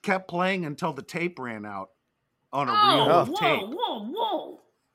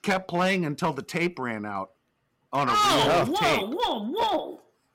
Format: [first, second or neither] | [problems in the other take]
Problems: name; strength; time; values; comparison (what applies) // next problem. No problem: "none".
first | distortion; heavy; 10% of the sound clipped